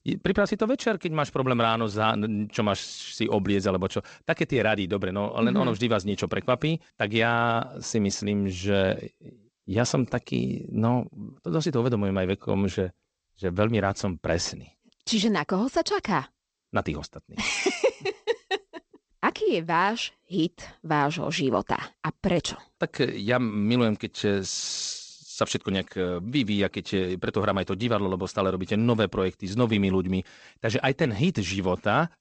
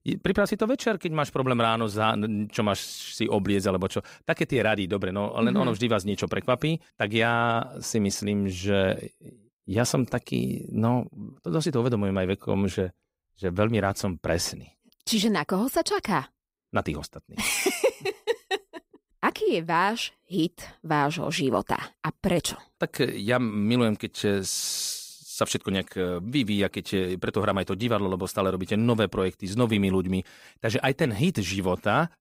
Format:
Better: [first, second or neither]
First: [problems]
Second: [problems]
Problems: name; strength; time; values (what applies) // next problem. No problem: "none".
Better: second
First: garbled, watery; slightly; nothing above 8 kHz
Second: none